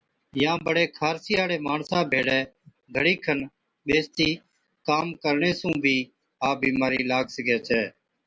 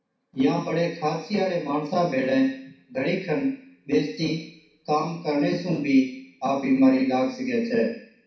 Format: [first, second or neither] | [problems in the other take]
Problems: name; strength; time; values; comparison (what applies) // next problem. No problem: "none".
first | room echo; dies away in 0.6 s